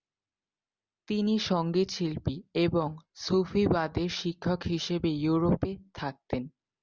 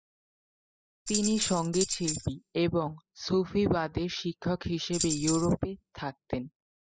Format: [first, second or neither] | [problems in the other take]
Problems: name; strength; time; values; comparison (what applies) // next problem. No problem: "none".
first | noise reduction (classical method spectral subtraction)